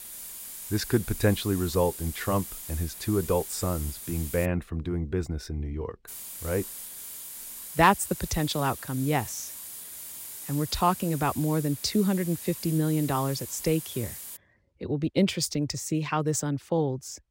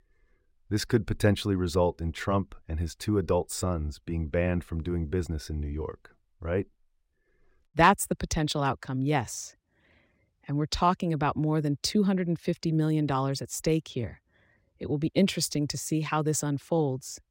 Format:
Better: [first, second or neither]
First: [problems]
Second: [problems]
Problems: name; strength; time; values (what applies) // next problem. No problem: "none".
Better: second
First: hiss; loud; until 4.5 s and from 6 to 14 s; 10 dB below the speech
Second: none